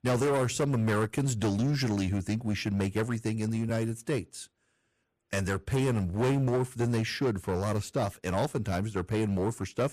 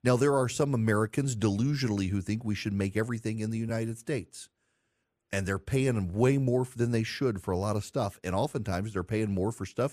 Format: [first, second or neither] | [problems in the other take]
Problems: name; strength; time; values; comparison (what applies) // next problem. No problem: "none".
second | distortion; slight; 11% of the sound clipped